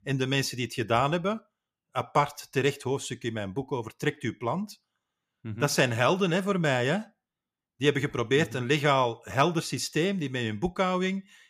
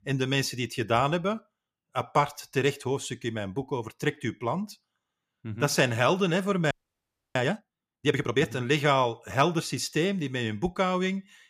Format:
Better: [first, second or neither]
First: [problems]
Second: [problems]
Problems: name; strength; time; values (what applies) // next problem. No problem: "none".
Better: first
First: none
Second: audio freezing; at 6.5 s for 0.5 s